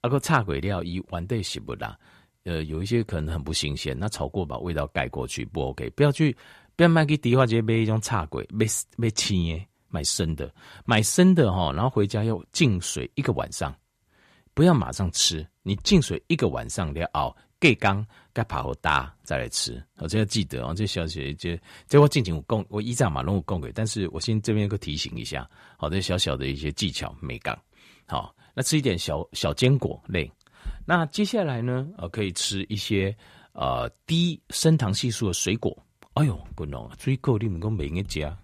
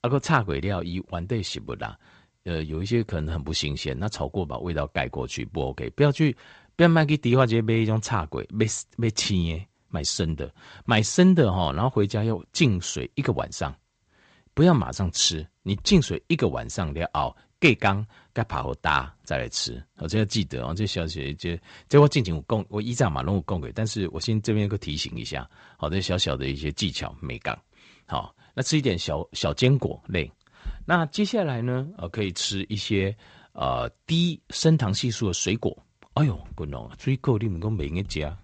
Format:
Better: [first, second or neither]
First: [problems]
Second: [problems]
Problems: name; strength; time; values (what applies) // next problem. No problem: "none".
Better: first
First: none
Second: garbled, watery; slightly; nothing above 8 kHz